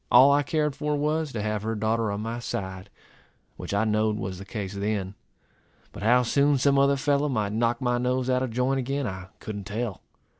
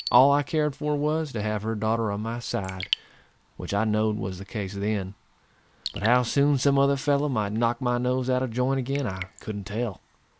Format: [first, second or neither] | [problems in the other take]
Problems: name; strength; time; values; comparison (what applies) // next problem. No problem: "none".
first | background sound (Raindrop / Drip); 17 dB below the speech